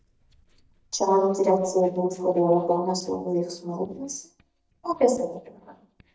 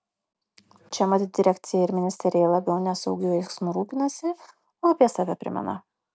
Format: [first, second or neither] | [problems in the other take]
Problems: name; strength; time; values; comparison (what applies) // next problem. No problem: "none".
second | noise reduction (neural mask model DeepFilterNet 3)